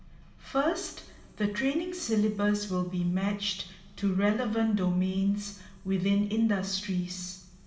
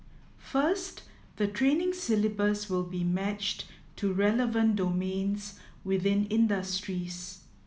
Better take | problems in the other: second | room echo; dies away in 2 s

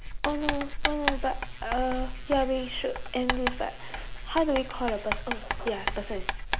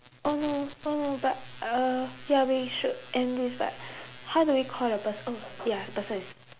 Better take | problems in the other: second | background sound (Writing); 1 dB below the speech

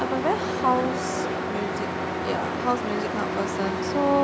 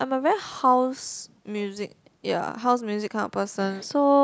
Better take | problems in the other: second | background sound (Truck); as loud as the speech

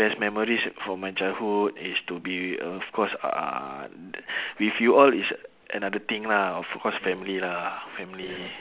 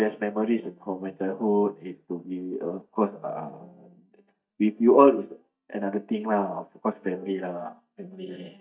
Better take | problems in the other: first | noise reduction (neural mask model DeepFilterNet 3)

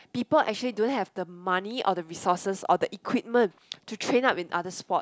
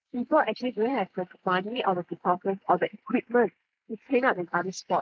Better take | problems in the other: first | noise reduction (neural mask model Resemble Enhance denoiser)

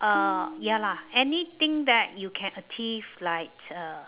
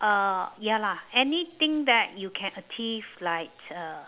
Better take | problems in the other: second | background sound (Tabla); 13 dB below the speech

